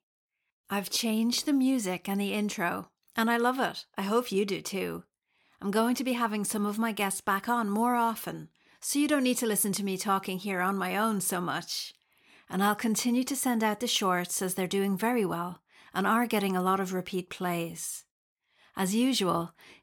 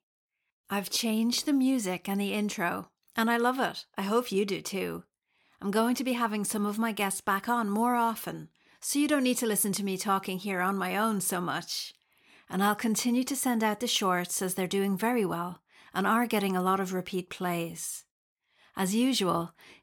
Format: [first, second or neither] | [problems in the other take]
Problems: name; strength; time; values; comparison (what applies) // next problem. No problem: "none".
neither | none